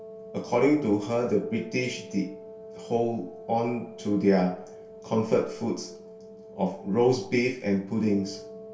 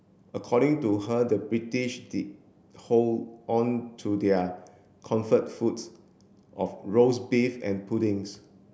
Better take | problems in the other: second | background sound (Wind instrument, woodwind instrument); 17 dB below the speech // room echo; dies away in 0.3 s

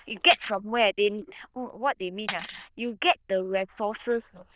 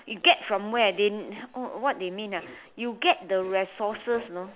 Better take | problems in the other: second | noise reduction (neural diffusion model UNIVERSE++)

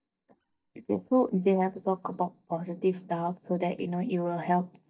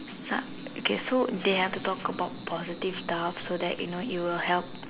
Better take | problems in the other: second | noise reduction (neural mask model DeepFilterNet 3)

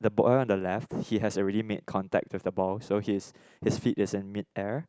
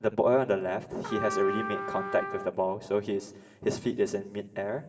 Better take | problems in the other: first | background sound (Trumpet); 7 dB below the speech // room echo; dies away in 2.8 s

